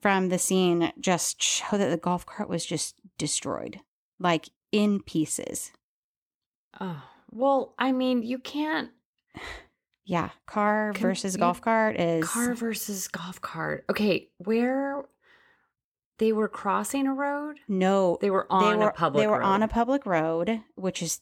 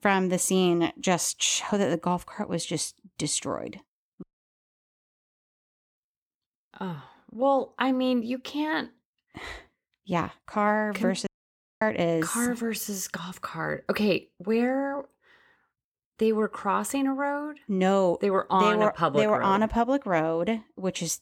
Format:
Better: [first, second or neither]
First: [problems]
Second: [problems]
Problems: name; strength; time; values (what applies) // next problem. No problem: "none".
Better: first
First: none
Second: audio cutting out; at 4 s for 2 s and at 11 s for 0.5 s